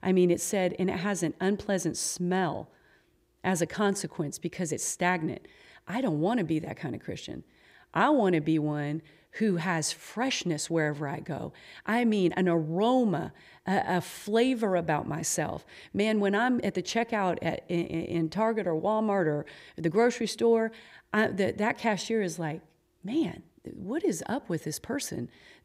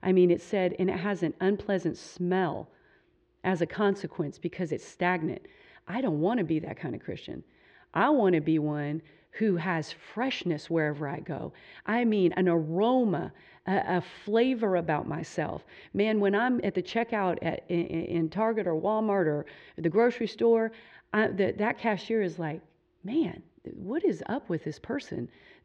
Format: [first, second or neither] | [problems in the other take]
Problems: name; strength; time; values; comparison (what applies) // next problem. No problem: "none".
first | muffled; slightly; fading above 3.5 kHz